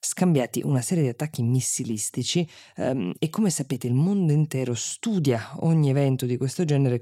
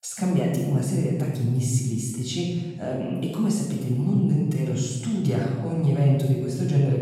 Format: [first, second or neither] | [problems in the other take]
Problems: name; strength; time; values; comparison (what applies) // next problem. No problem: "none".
first | off-mic speech; far // room echo; noticeable; dies away in 1.4 s